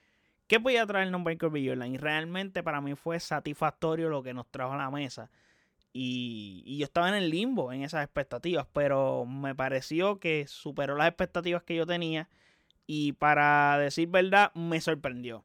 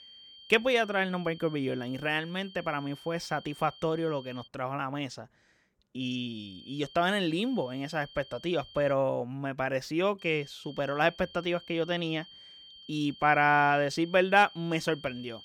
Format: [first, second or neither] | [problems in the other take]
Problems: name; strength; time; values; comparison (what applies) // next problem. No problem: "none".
first | high-pitched whine; noticeable; until 4.5 s, from 6 to 9 s and from 10 s on; 3 kHz, 20 dB below the speech